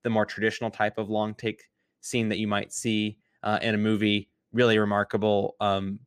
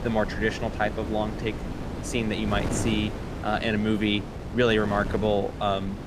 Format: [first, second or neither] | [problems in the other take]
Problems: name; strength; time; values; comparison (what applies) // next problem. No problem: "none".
first | wind noise on the microphone; heavy; 10 dB below the speech